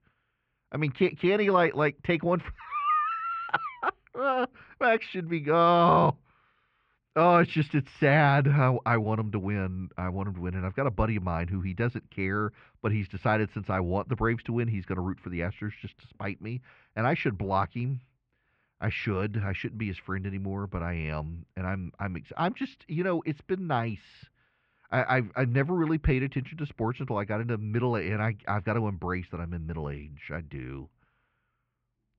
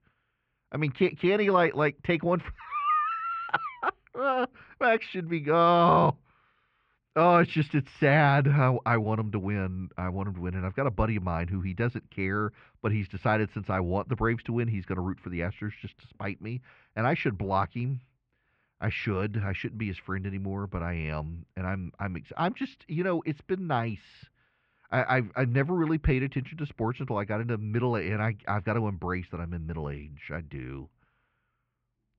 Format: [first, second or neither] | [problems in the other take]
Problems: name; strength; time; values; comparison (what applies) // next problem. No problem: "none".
neither | muffled; very; fading above 2.5 kHz; the same in both